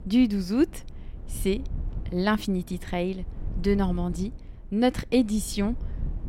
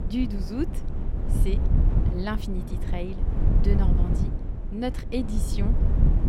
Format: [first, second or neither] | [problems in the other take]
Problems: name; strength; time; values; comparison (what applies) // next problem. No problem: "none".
first | wind noise on the microphone; heavy; 4 dB below the speech; occasional gusts in the first